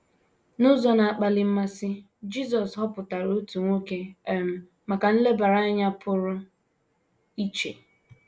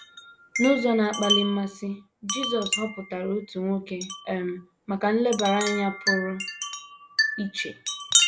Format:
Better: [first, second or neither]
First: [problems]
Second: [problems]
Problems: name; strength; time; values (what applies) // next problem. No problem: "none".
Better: first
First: none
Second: background sound (Wind chime); 2 dB below the speech